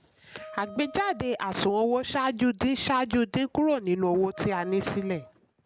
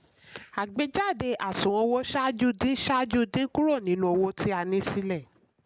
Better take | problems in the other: second | background sound (Wind instrument, woodwind instrument); 19 dB below the speech

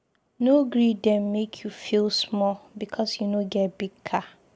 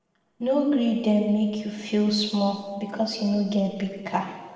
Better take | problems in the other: first | room echo; dies away in 1.3 s

